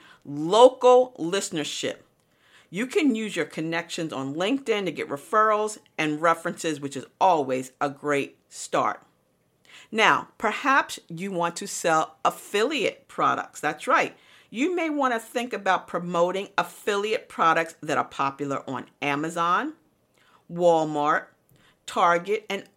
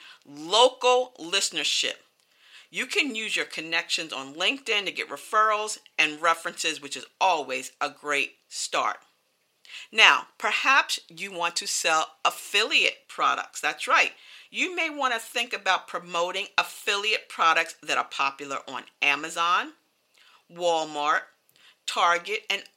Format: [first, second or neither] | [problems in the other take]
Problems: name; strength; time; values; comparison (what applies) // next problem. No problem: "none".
first | thin; somewhat; fading below 1 kHz